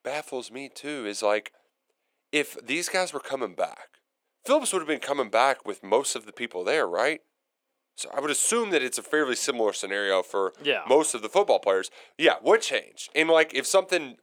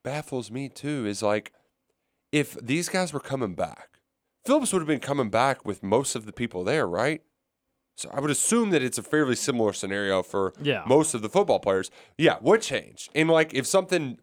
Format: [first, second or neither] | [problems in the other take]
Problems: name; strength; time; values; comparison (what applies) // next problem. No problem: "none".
second | thin; somewhat; fading below 450 Hz